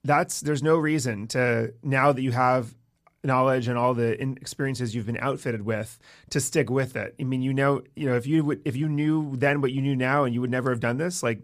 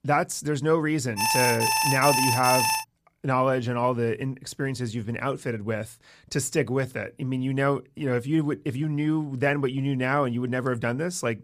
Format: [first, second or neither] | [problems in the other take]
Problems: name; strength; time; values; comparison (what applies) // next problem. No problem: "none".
first | alarm; loud; from 1 to 3 s; peak 4 dB above the speech